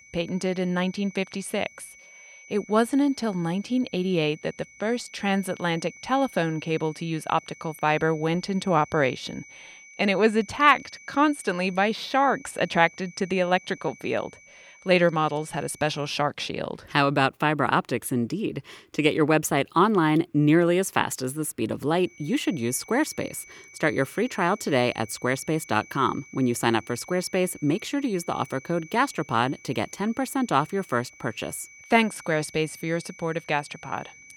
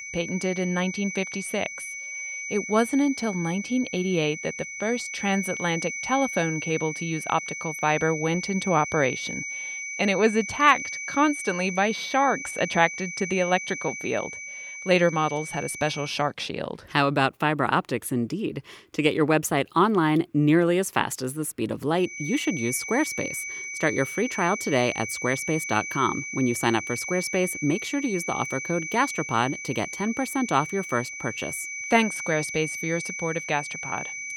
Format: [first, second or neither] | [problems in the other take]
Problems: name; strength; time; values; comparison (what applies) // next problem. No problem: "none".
first | high-pitched whine; loud; until 16 s and from 22 s on; 2.5 kHz, 7 dB below the speech; faint in the first